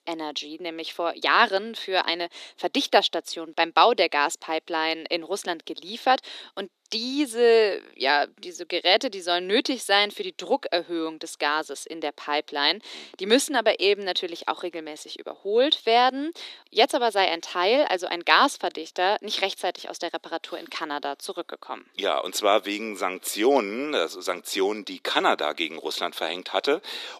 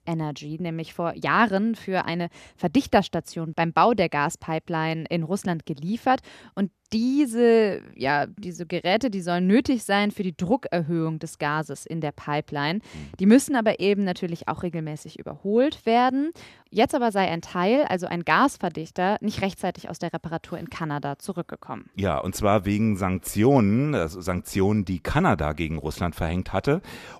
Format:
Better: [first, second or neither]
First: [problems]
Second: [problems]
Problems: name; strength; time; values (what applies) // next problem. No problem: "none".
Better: second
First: thin; somewhat; fading below 300 Hz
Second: none